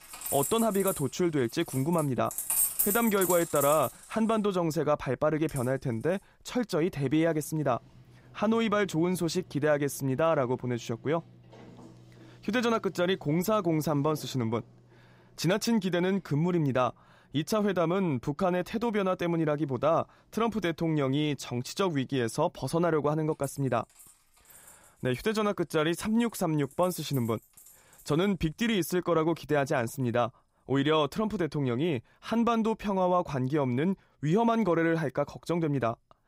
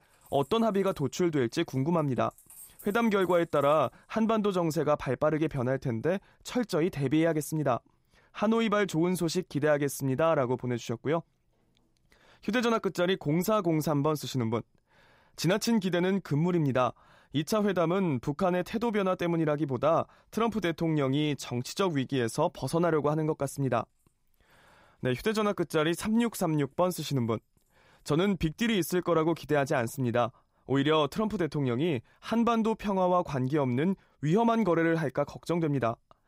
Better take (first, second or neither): second